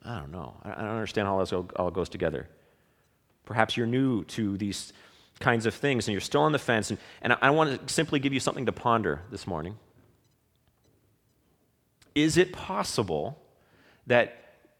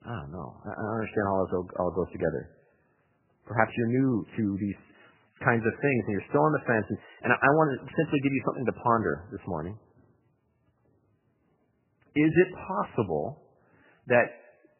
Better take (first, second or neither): first